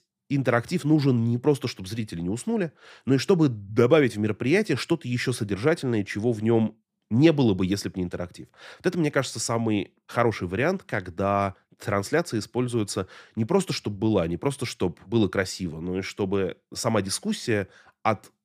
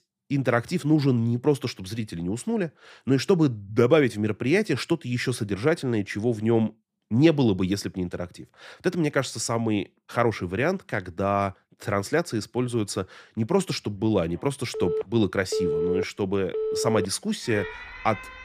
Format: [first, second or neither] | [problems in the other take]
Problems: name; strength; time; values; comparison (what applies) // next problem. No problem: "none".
first | alarms or sirens; loud; from 15 s on; 5 dB below the speech